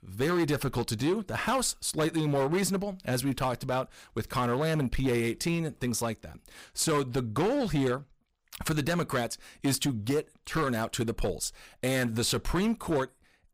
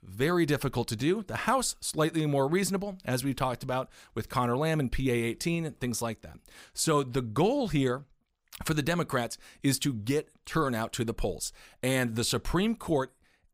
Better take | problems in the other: second | distortion; slight; 9% of the sound clipped

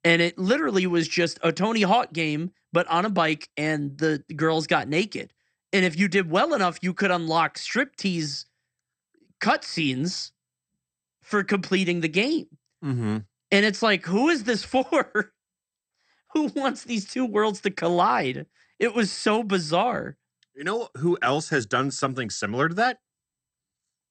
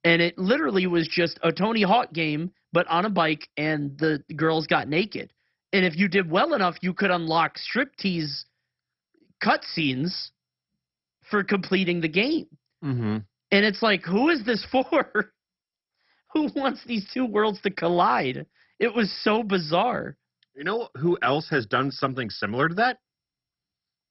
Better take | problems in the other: first | garbled, watery; badly; nothing above 5.5 kHz; slightly in the first

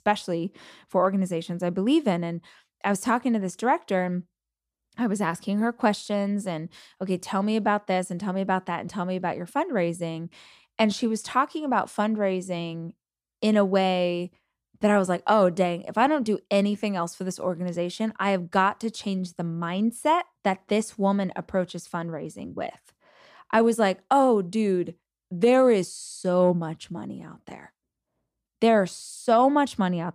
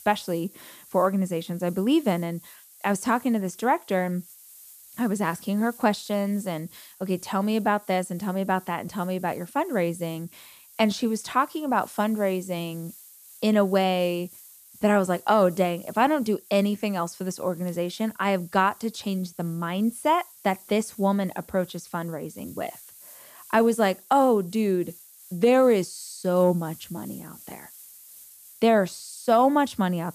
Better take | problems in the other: first | hiss; faint; throughout; 20 dB below the speech

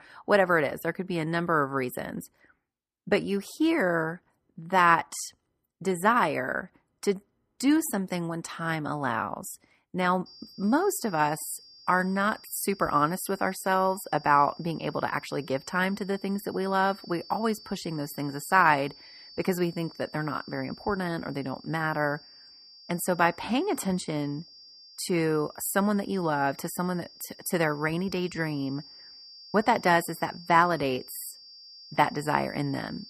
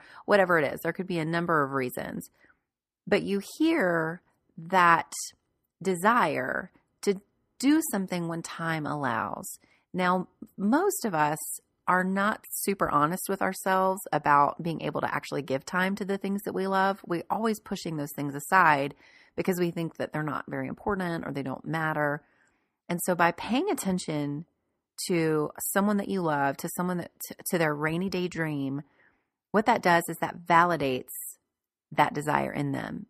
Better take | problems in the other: second | high-pitched whine; noticeable; from 10 s on; 5 kHz, 20 dB below the speech

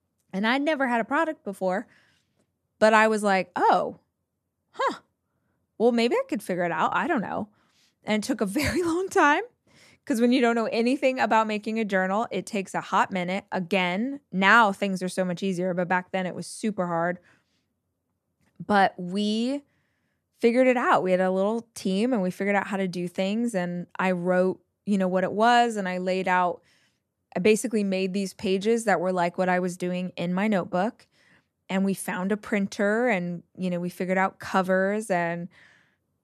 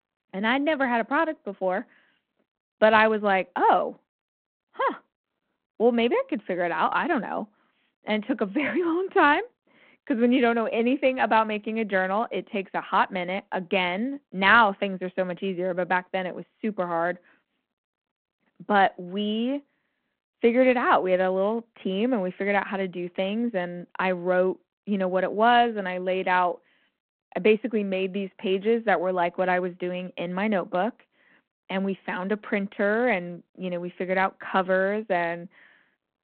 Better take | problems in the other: first | phone-call audio

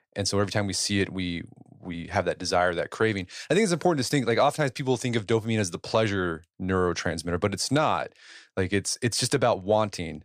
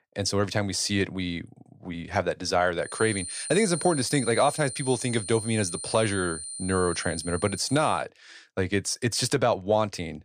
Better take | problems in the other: first | high-pitched whine; loud; from 3 to 8 s; 9 kHz, 8 dB below the speech

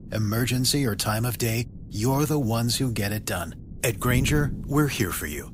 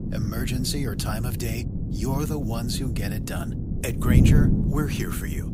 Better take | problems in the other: first | wind noise on the microphone; heavy; 2 dB below the speech; occasional gusts in the first

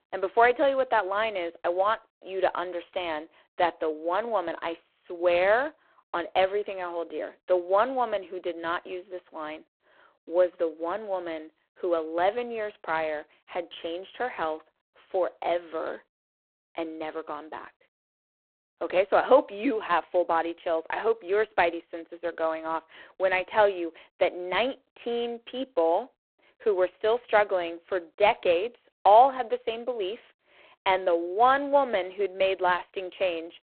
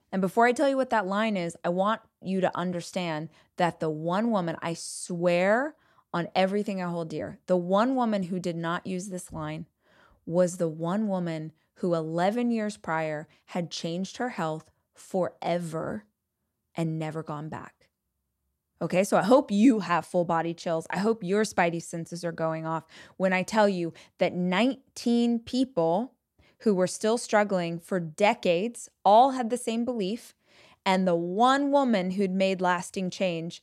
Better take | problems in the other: second | phone-call audio; poor line

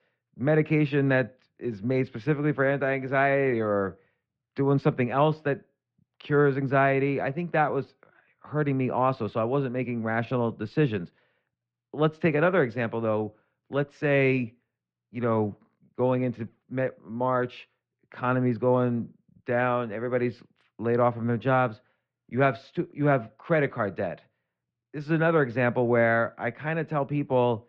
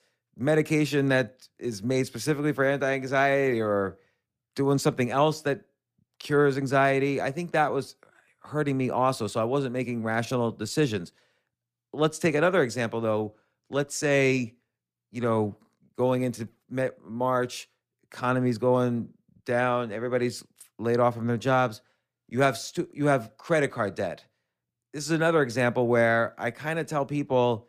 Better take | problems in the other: second | muffled; very; fading above 3 kHz

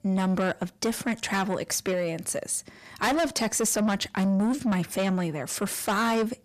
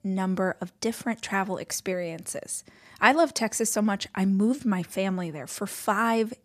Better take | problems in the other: second | distortion; heavy; 7 dB below the speech

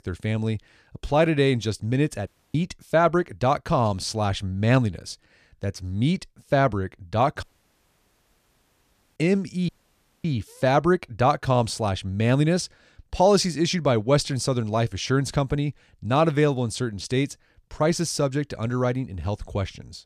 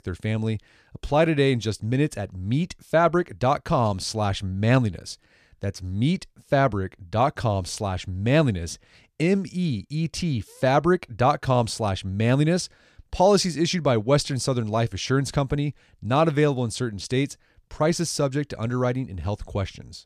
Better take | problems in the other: second | audio cutting out; at 2.5 s, at 7.5 s for 1.5 s and at 9.5 s for 0.5 s

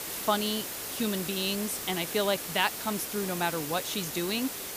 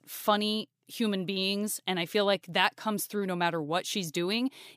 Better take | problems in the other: second | hiss; loud; throughout; 4 dB below the speech

